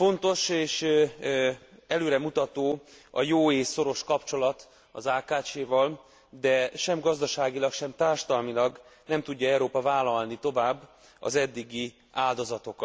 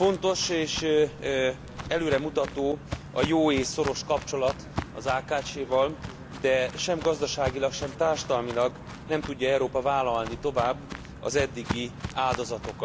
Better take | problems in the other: first | background sound (Walk, footsteps); 11 dB below the speech

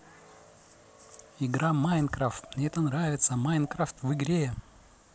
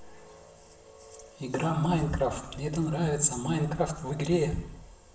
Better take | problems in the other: first | room echo; dies away in 0.8 s

